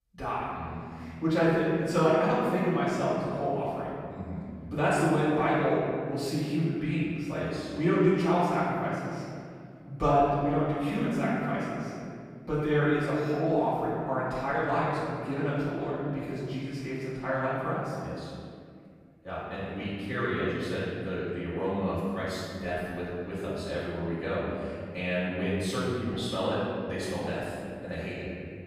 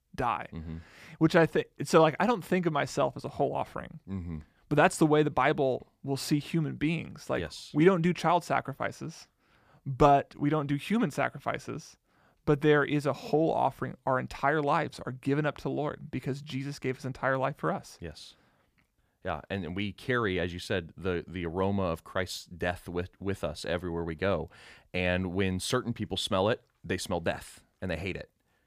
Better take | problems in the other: second | room echo; strong; dies away in 2.3 s // off-mic speech; far

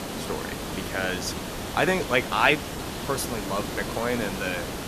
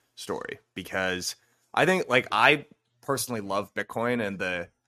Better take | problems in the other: second | hiss; loud; throughout; 6 dB below the speech

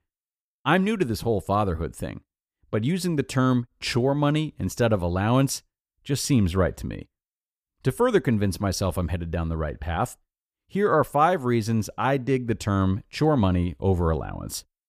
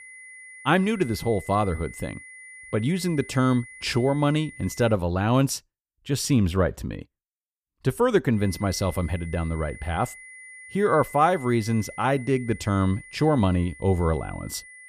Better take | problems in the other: first | high-pitched whine; noticeable; until 5 s and from 8.5 s on; 2 kHz, 20 dB below the speech

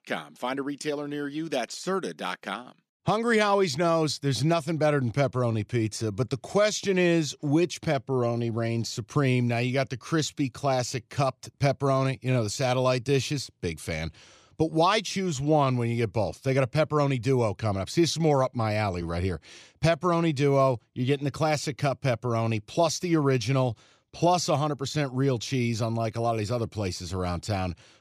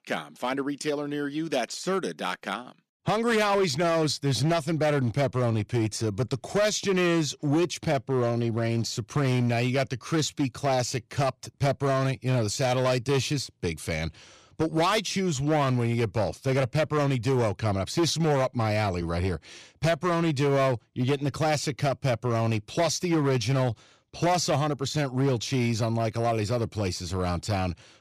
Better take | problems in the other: first | distortion; slight; 9% of the sound clipped

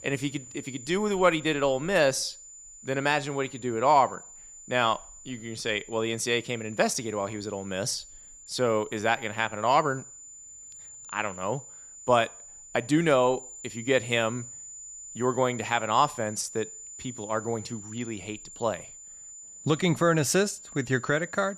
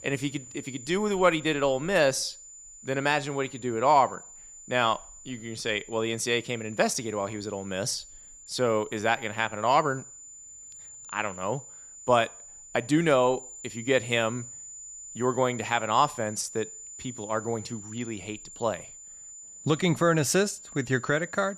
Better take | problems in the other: neither | high-pitched whine; noticeable; throughout; 7 kHz, 15 dB below the speech; the same in both

